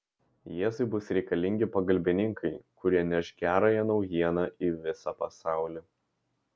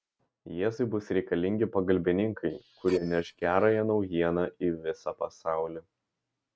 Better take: first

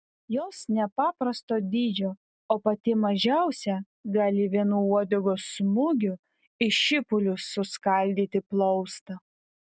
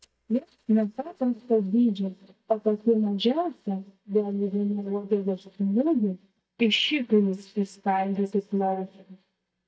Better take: first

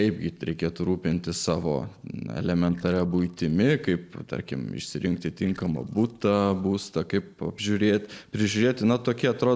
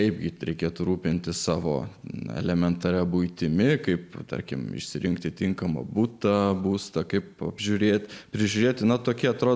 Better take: second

